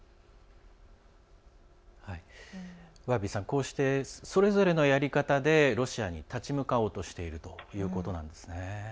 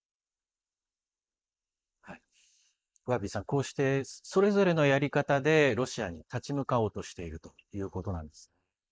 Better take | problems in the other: first | noise reduction (neural mask model Resemble Enhance denoiser)

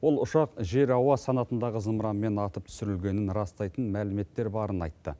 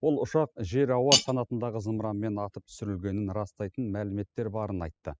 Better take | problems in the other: first | noise reduction (classical method spectral subtraction)

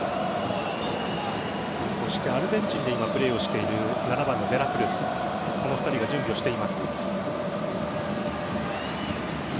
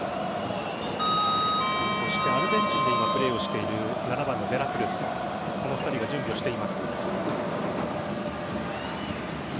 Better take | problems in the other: first | background sound (Sliding door); 2 dB below the speech

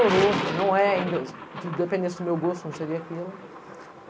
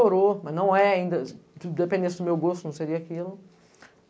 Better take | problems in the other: second | background sound (Thunder); 6 dB below the speech

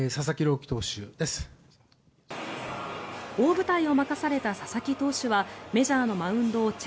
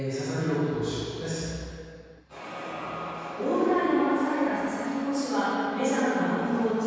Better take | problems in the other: first | room echo; dies away in 2.2 s

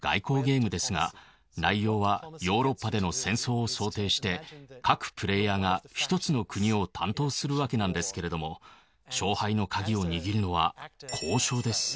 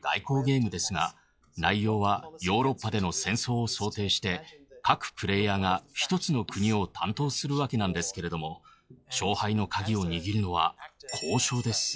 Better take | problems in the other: first | noise reduction (classical method log-MMSE)

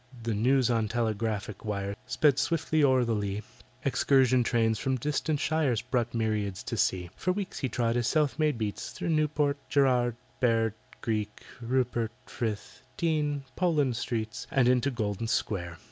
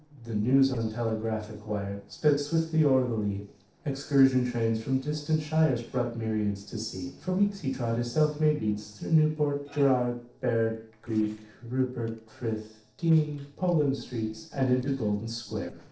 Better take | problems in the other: first | noise reduction (neural separator model SepFormer DNS4)

